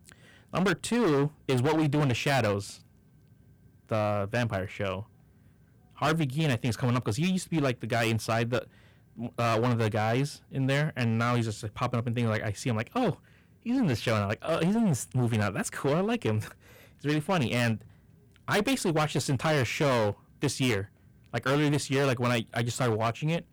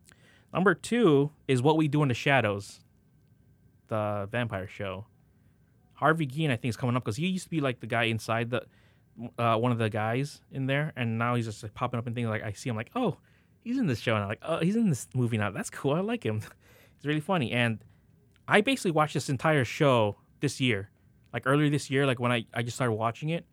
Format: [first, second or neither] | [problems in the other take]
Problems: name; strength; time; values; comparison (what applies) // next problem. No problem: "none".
second | distortion; heavy; 15% of the sound clipped